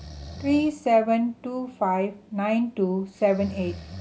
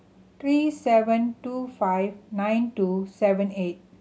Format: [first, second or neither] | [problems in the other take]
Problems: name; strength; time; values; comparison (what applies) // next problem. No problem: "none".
second | background sound (Breathing); 18 dB below the speech